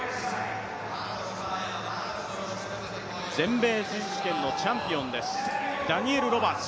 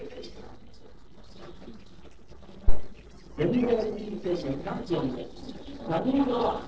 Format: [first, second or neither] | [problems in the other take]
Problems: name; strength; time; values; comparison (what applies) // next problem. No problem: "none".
first | noise reduction (neural separator model SepFormer DNS4)